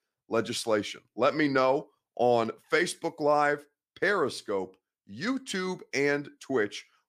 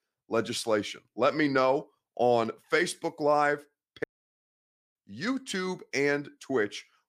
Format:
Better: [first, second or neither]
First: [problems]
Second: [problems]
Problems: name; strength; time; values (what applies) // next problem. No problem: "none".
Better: first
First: none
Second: audio cutting out; at 4 s for 1 s